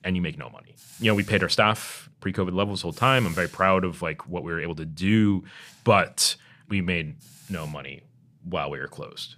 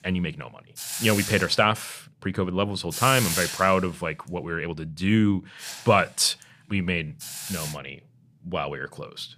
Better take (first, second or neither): first